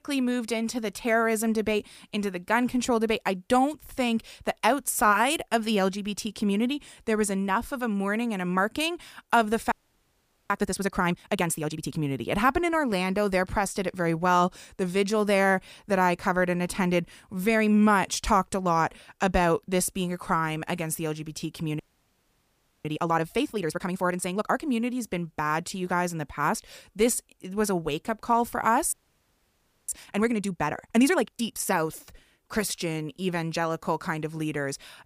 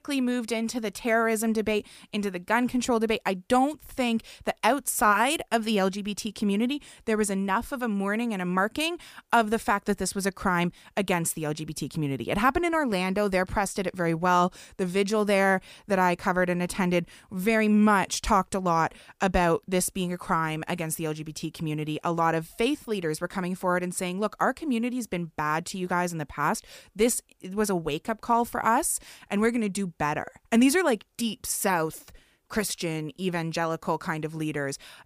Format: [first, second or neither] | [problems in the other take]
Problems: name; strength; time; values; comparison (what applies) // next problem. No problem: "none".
second | audio freezing; at 9.5 s for 1 s, at 22 s for 1 s and at 29 s for 1 s